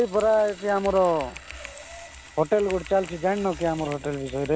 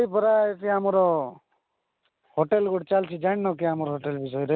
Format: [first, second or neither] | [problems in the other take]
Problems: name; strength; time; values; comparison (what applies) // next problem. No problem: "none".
second | background sound (Typing + Sawing); 17 dB below the speech